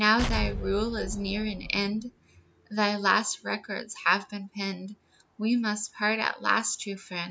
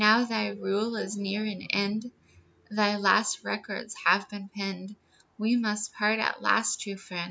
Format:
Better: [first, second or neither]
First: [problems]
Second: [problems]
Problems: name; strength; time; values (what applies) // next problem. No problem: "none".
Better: second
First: background sound (Explosion); 5 dB below the speech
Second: none